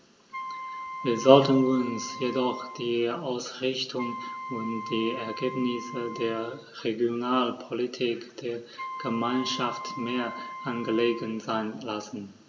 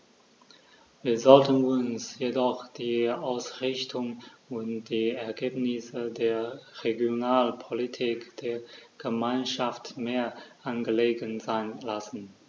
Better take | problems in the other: second | background sound (Wind instrument, woodwind instrument); 11 dB below the speech // room echo; dies away in 1.3 s

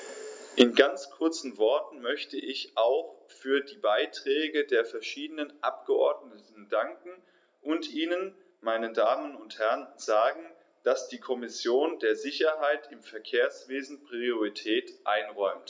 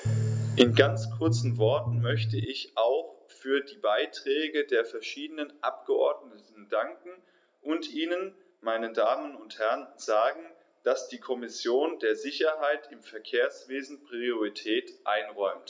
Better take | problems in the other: first | background sound (Bass guitar); 1 dB above the speech

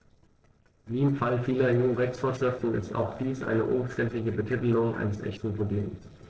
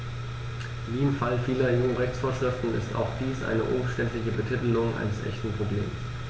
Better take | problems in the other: second | noise reduction (neural separator model SepFormer DNS4)

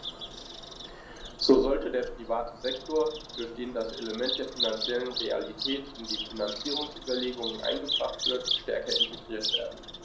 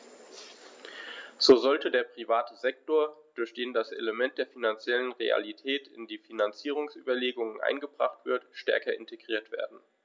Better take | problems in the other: second | background sound (Bird vocalization, bird call, bird song); 4 dB below the speech // room echo; dies away in 0.6 s

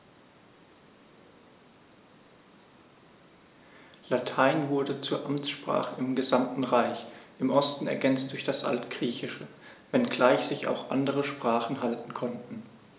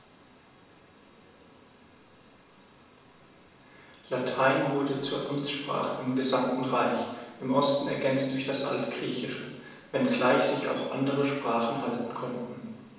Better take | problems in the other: first | room echo; dies away in 0.9 s

